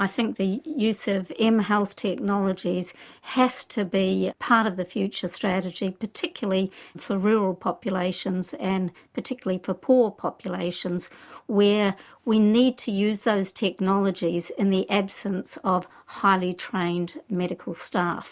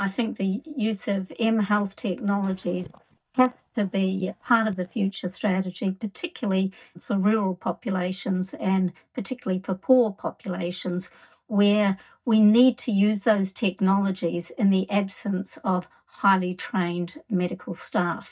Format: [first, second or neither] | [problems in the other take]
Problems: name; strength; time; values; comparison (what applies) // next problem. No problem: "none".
first | noise reduction (neural mask model DeepFilterNet 3)